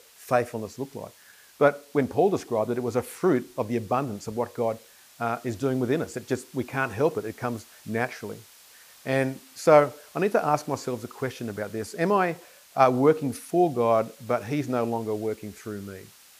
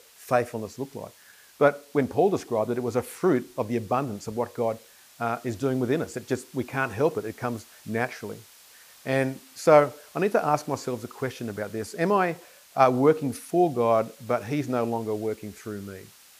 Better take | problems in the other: neither | hiss; faint; throughout; 25 dB below the speech; the same in both

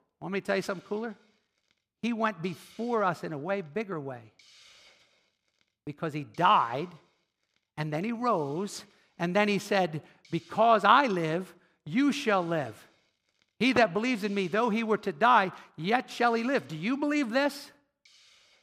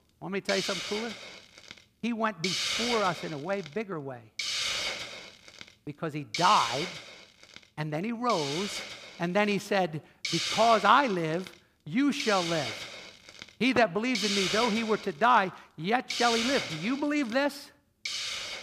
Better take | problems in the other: first | hiss; loud; throughout; 4 dB below the speech; faint in the first

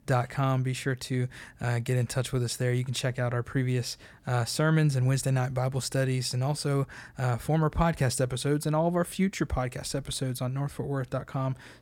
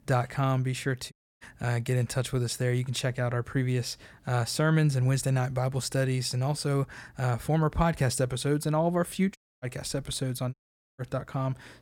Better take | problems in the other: first | audio cutting out; at 1 s, at 9.5 s and at 11 s

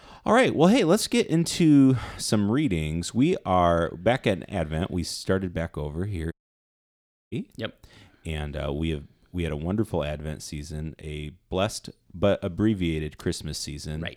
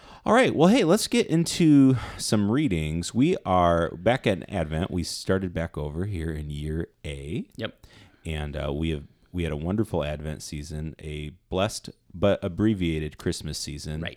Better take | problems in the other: second | audio cutting out; at 6.5 s for 1 s

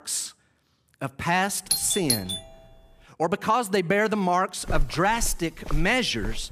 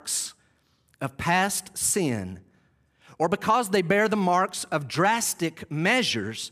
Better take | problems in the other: second | doorbell; noticeable; at 1.5 s; peak level with the speech // footsteps; noticeable; from 4.5 s on; peak 8 dB below the speech

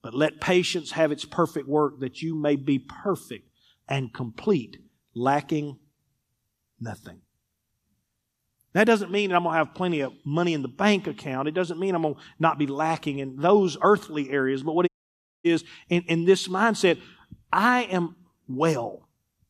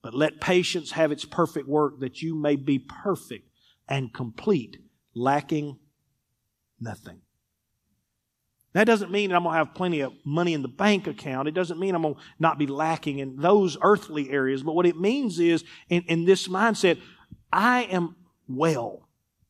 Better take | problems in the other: second | audio cutting out; at 15 s for 0.5 s

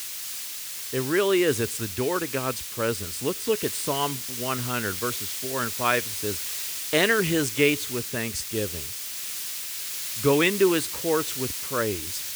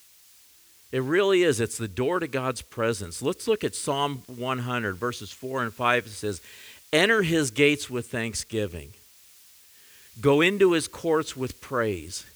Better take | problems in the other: second | hiss; loud; throughout; 4 dB below the speech; faint in the second

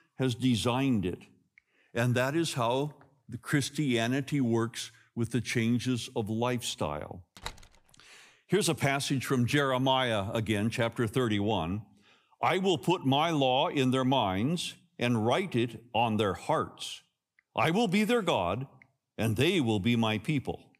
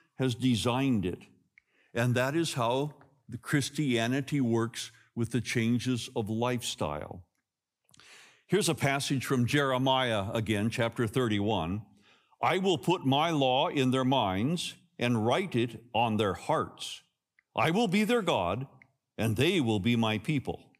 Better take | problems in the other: second | door banging; faint; at 7.5 s; peak 15 dB below the speech

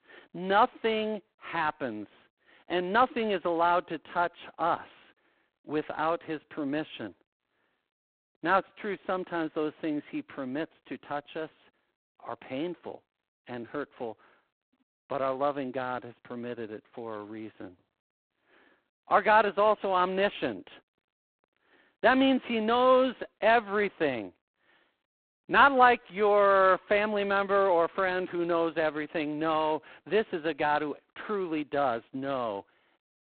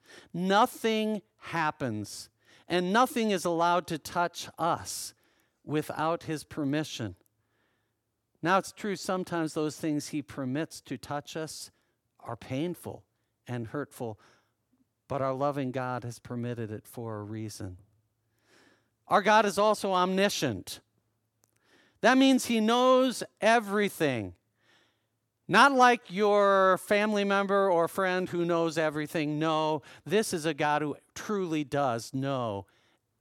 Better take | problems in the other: second | phone-call audio; poor line; nothing above 4 kHz

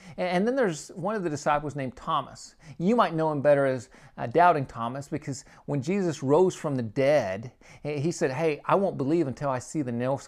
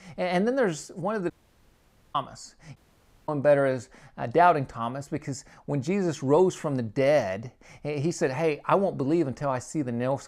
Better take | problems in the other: first | audio cutting out; at 1.5 s for 1 s and at 3 s for 0.5 s

